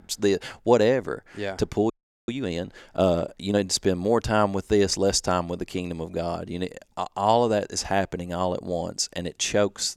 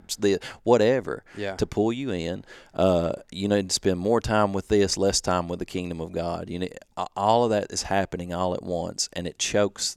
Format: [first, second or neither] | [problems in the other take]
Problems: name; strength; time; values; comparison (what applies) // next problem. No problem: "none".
second | audio freezing; at 2 s